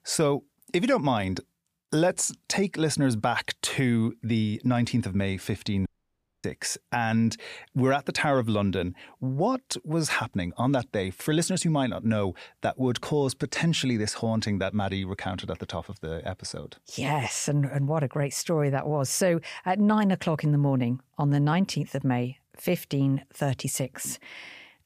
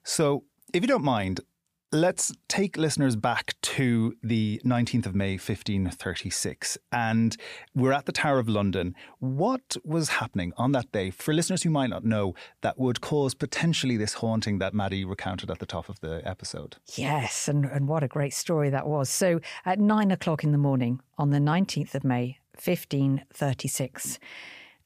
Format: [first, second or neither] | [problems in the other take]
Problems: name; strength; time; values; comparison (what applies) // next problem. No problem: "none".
second | audio cutting out; at 6 s for 0.5 s